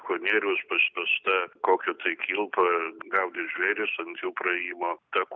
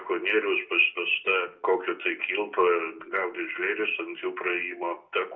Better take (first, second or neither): first